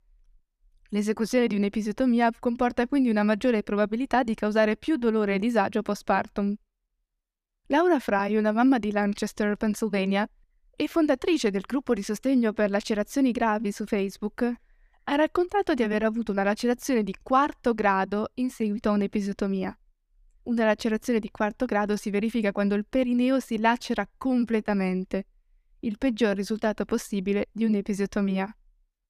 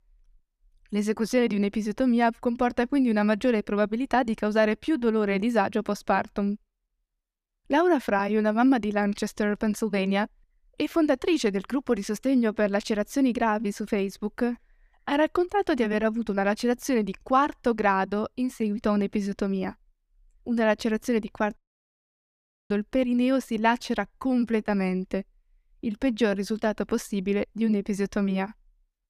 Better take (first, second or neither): first